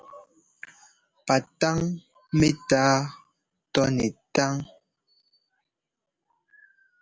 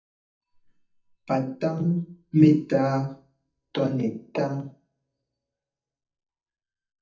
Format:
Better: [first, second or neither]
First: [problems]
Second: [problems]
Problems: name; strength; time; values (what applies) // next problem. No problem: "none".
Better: first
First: none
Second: noise reduction (neural mask model DeepFilterNet 3)